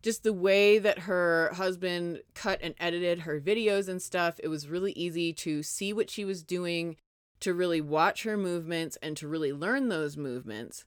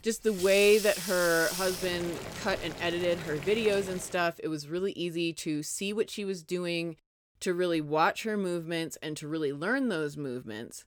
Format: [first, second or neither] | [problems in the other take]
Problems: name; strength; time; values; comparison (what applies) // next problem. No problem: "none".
first | household noises; loud; until 4 s; 7 dB below the speech